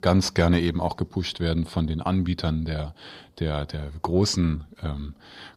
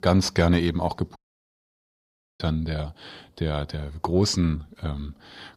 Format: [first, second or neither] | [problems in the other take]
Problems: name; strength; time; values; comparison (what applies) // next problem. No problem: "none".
first | audio cutting out; at 1 s for 1 s